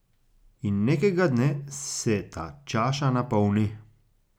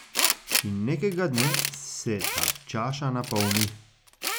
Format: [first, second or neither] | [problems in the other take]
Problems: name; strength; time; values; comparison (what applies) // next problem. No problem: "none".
first | background sound (Tools); as loud as the speech